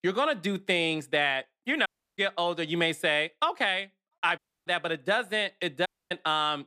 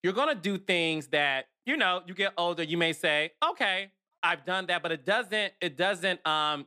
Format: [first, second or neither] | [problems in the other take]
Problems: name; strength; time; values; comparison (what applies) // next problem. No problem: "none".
second | audio cutting out; at 2 s, at 4.5 s and at 6 s